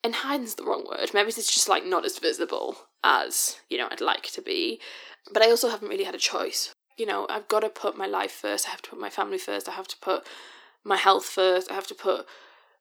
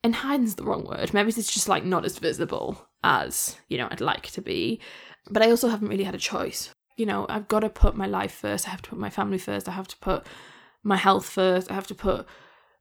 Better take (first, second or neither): second